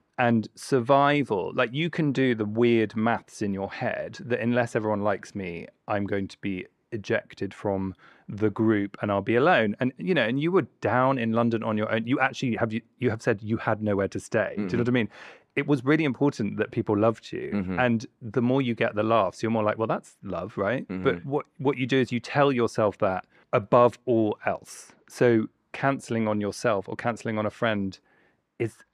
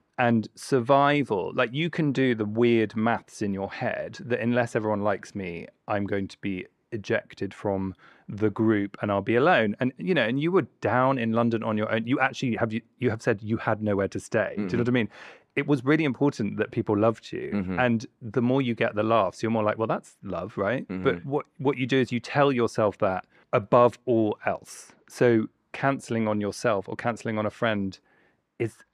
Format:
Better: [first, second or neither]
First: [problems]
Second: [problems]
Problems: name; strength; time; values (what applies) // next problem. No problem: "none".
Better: neither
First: muffled; very; fading above 3.5 kHz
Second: muffled; very; fading above 3.5 kHz